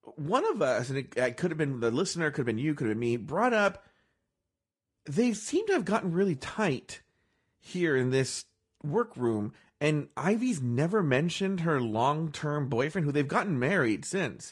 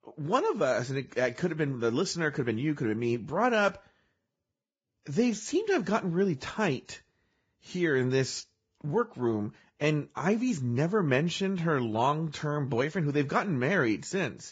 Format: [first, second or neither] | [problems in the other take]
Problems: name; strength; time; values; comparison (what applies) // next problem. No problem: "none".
first | garbled, watery; badly; nothing above 7.5 kHz; slightly in the first